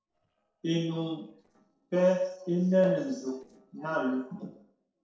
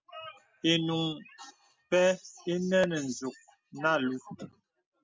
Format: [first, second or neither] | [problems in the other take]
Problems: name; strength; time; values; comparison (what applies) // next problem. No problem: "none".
second | noise reduction (neural separator model SepFormer DNS4)